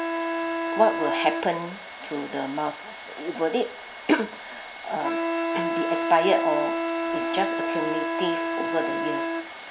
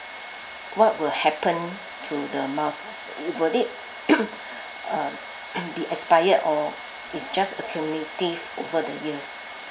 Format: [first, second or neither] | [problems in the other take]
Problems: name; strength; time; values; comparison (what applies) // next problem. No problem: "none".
second | background sound (Wind instrument, woodwind instrument); 1 dB below the speech